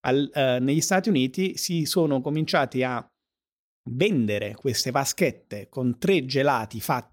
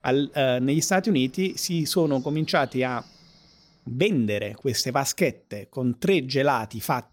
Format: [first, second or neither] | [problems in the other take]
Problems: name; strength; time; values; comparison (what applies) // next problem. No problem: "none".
first | animal sounds; faint; throughout; 30 dB below the speech